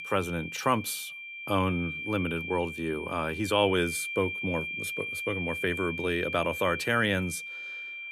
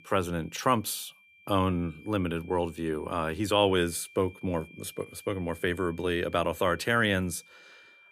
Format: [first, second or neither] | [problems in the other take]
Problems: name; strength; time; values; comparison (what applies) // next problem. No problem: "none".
second | high-pitched whine; loud; throughout; 2.5 kHz, 5 dB below the speech; faint in the second